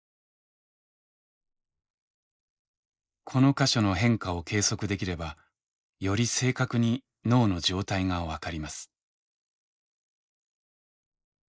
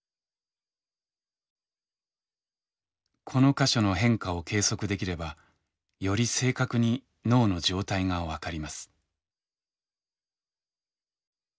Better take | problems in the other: second | noise reduction (neural mask model Resemble Enhance denoiser)

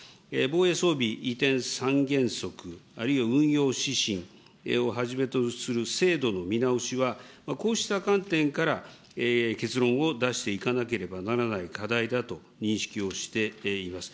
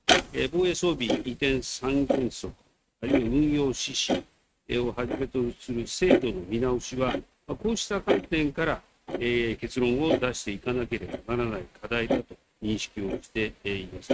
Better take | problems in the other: first | noise reduction (neural mask model RNNoise)

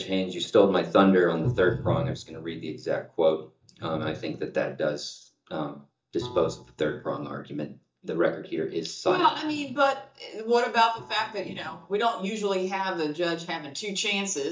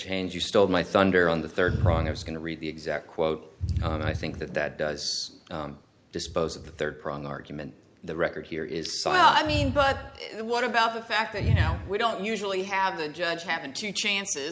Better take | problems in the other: second | noise reduction (neural mask model DeepFilterNet 3)

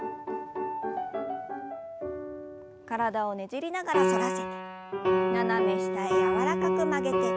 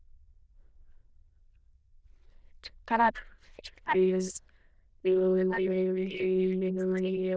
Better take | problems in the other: first | noise reduction (neural diffusion model UNIVERSE++)

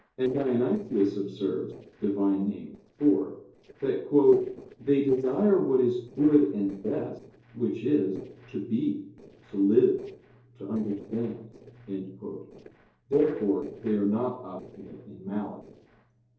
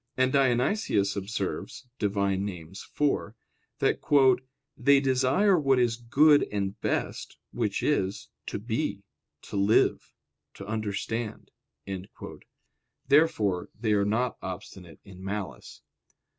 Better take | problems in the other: second | noise reduction (neural separator model SepFormer DNS4)

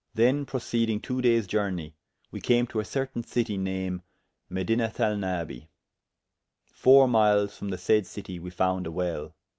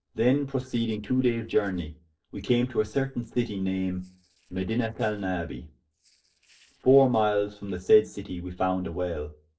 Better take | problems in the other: first | noise reduction (neural separator model SepFormer DNS4)

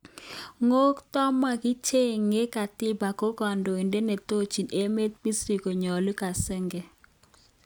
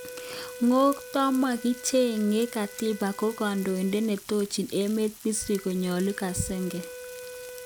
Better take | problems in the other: first | background sound (Wind instrument, woodwind instrument + Frying (food)); 15 dB below the speech

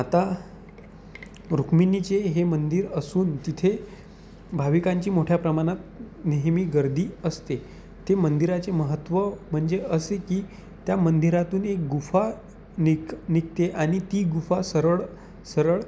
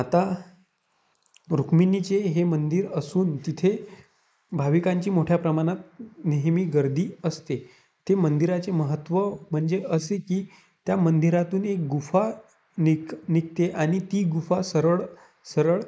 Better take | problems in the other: first | noise reduction (neural mask model Resemble Enhance denoiser)

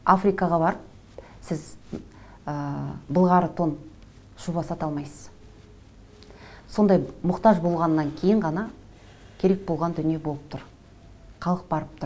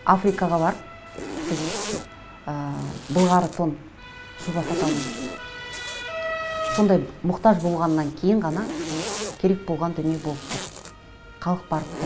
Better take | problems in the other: first | background sound (Zipper (clothing) + Motor vehicle (road) / Siren); 8 dB below the speech

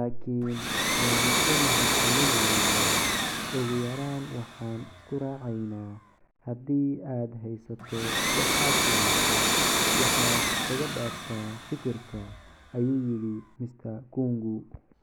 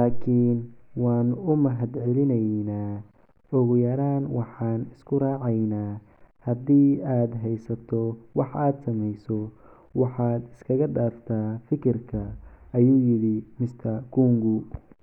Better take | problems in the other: second | background sound (Domestic sounds, home sounds); 4 dB above the speech

